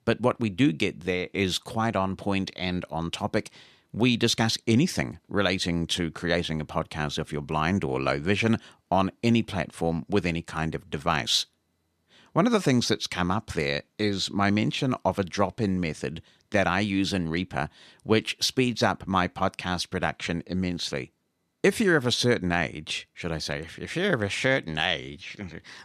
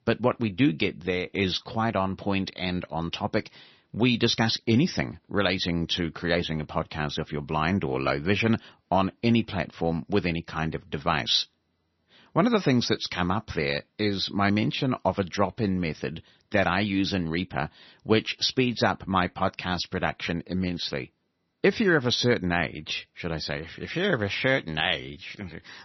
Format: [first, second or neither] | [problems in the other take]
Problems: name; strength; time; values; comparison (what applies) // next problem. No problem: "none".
first | garbled, watery; slightly; nothing above 6 kHz